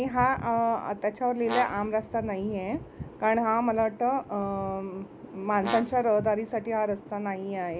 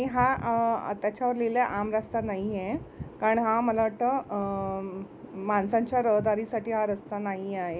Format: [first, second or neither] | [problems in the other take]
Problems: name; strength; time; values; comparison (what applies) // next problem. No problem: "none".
second | background sound (Brass instrument); 11 dB below the speech